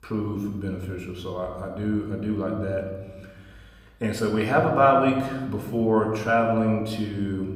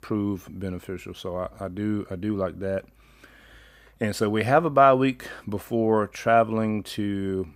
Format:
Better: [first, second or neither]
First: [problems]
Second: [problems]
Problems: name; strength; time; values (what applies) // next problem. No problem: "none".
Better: second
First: off-mic speech; somewhat distant // room echo; noticeable; dies away in 1.3 s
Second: none